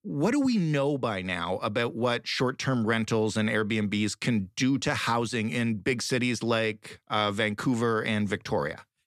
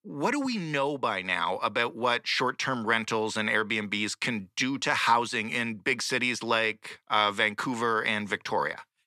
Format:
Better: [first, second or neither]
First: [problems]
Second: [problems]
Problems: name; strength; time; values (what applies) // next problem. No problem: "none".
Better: first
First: none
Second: thin; somewhat; fading below 700 Hz